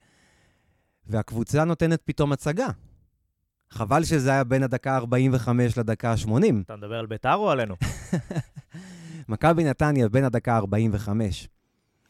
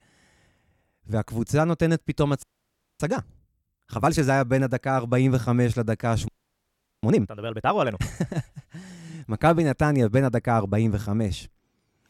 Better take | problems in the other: first | audio freezing; at 2.5 s for 0.5 s and at 6.5 s for 1 s

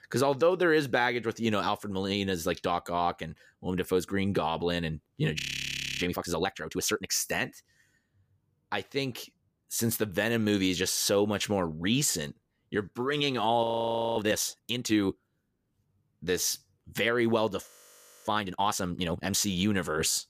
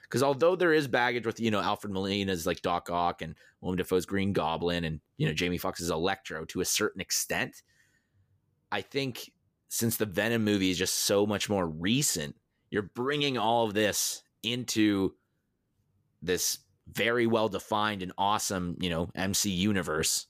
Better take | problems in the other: second | audio freezing; at 5.5 s for 0.5 s, at 14 s for 0.5 s and at 18 s for 0.5 s

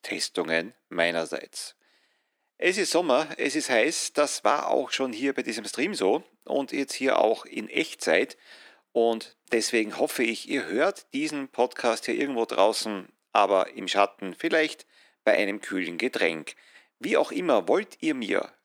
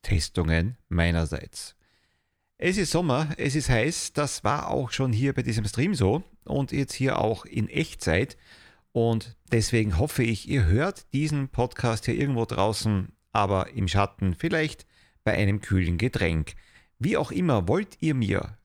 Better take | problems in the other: second | thin; somewhat; fading below 250 Hz

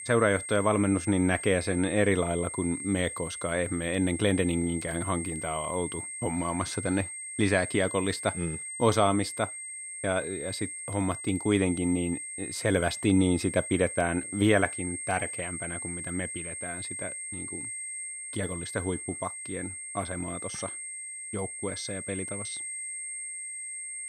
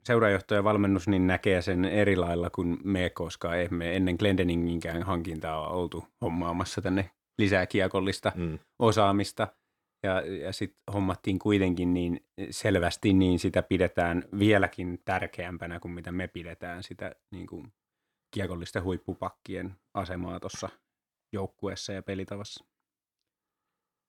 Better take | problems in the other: second | high-pitched whine; loud; throughout; 8.5 kHz, 6 dB below the speech

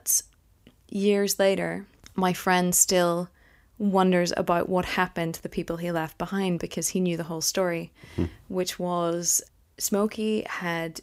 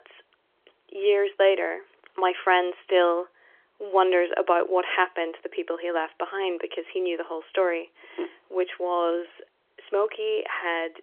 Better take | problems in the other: first | phone-call audio; nothing above 3.5 kHz

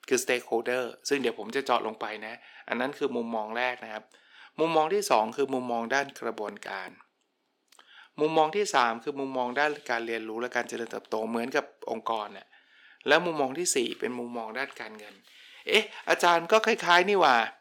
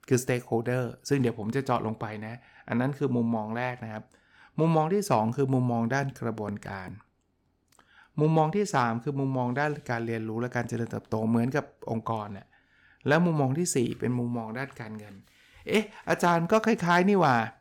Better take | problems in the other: second | thin; somewhat; fading below 350 Hz

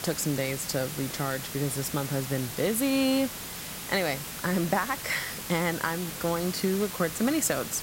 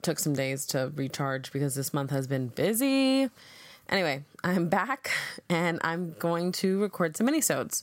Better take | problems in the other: second | hiss; loud; throughout; 7 dB below the speech

